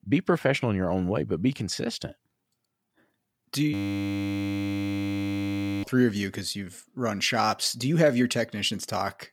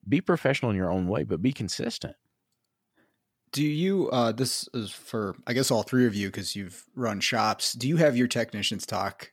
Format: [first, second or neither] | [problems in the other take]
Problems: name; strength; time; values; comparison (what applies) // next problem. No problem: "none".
second | audio freezing; at 3.5 s for 2 s